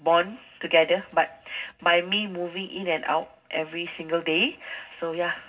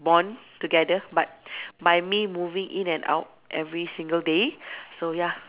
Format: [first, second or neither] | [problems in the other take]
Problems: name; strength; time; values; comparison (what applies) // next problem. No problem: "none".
second | room echo; dies away in 0.4 s